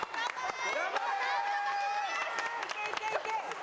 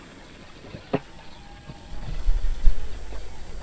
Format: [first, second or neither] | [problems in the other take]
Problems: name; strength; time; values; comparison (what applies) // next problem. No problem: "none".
first | noise reduction (neural mask model DeepFilterNet 3)